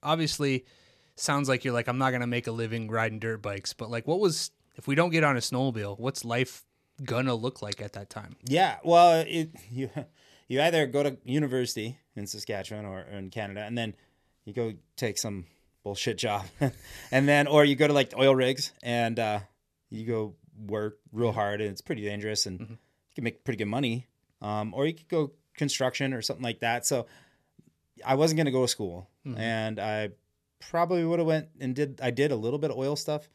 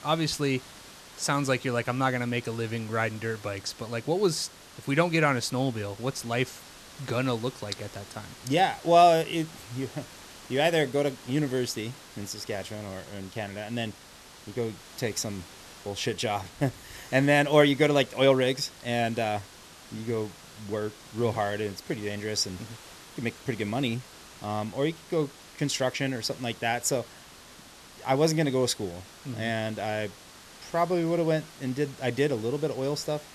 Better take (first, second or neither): first